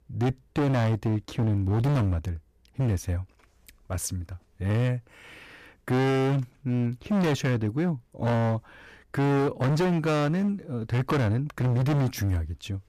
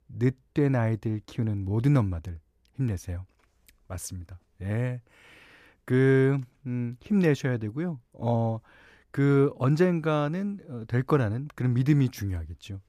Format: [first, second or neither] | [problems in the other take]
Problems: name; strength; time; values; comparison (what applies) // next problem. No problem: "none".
second | distortion; heavy; 20% of the sound clipped